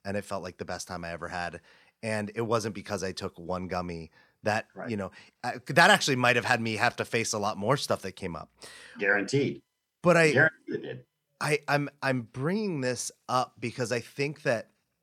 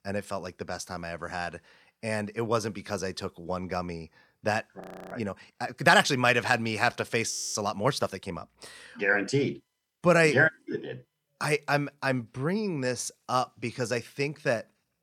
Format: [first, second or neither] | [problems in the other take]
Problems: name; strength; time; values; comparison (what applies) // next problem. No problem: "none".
first | audio freezing; at 5 s and at 7.5 s